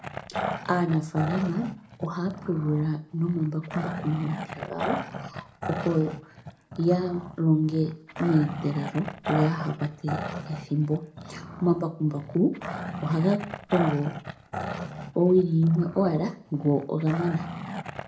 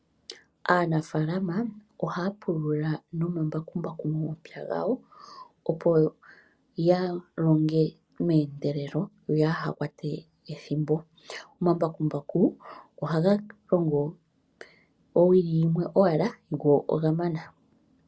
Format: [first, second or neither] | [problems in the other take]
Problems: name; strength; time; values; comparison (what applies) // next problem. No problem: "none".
second | background sound (Growling); 9 dB below the speech // room echo; dies away in 0.3 s